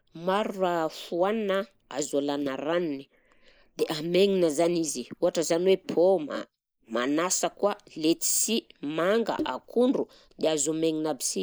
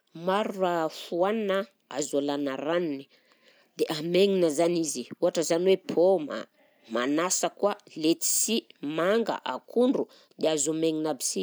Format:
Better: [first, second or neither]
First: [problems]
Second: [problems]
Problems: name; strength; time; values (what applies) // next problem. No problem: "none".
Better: second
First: noise reduction (neural mask model Resemble Enhance denoiser)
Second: none